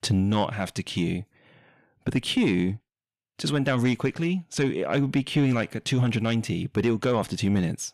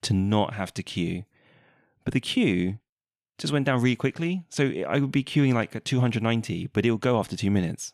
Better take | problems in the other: second | distortion; slight; 10 dB below the speech

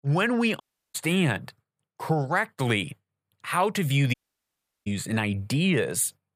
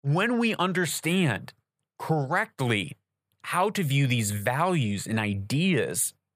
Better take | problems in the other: second | audio cutting out; at 0.5 s and at 4 s for 0.5 s

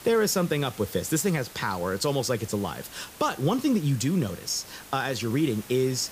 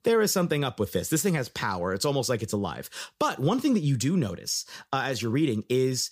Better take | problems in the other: second | hiss; noticeable; throughout; 15 dB below the speech

